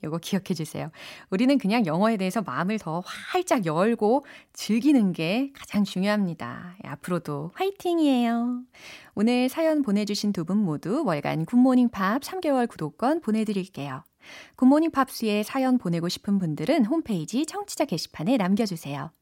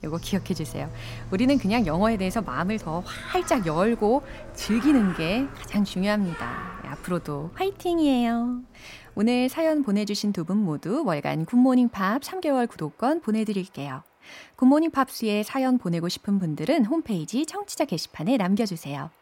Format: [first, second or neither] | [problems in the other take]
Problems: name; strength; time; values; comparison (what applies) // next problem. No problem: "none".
first | animal sounds; noticeable; throughout; 15 dB below the speech